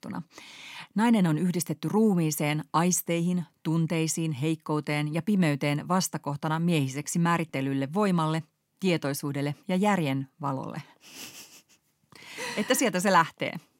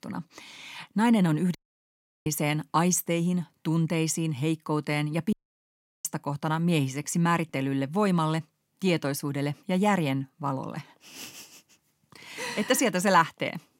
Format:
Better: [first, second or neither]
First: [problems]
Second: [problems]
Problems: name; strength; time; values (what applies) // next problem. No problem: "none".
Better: first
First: none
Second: audio cutting out; at 1.5 s for 0.5 s and at 5.5 s for 0.5 s